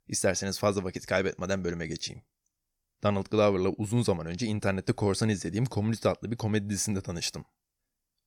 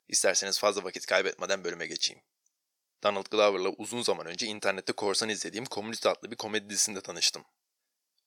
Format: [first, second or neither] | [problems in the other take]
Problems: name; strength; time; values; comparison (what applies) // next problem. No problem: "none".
first | thin; somewhat; fading below 450 Hz